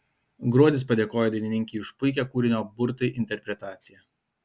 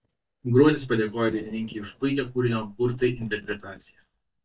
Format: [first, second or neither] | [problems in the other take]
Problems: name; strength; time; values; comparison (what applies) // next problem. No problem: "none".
first | noise reduction (neural mask model DeepFilterNet 3)